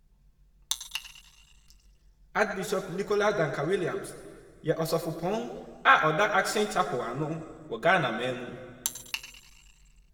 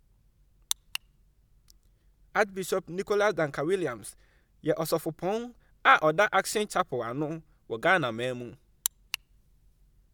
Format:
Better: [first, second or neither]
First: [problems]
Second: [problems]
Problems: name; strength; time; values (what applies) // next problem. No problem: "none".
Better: second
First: room echo; dies away in 1.6 s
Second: none